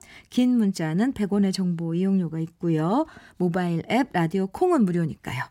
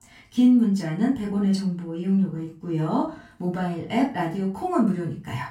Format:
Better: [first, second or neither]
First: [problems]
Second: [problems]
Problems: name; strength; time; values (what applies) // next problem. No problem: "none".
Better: first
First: none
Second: off-mic speech; far // room echo; slight; dies away in 0.3 s